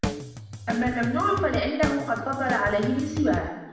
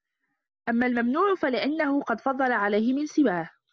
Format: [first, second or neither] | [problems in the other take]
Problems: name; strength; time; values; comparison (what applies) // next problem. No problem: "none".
second | background sound (Drum kit); 6 dB below the speech // room echo; dies away in 0.9 s